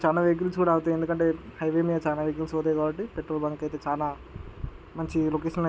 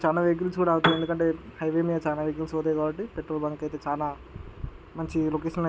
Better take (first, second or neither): first